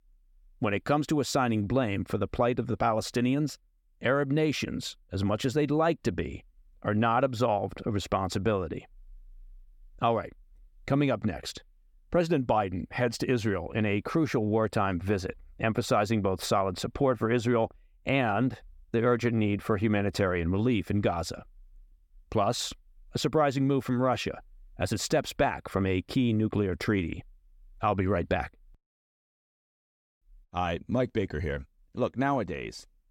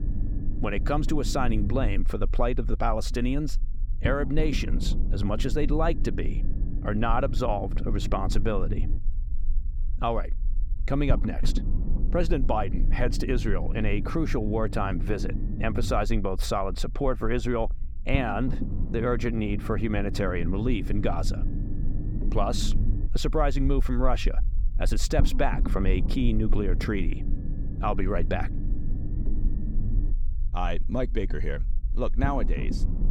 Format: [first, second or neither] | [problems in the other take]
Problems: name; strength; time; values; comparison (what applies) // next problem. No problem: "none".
first | low rumble; noticeable; throughout; 15 dB below the speech